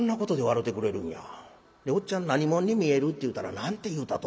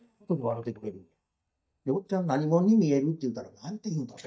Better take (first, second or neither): first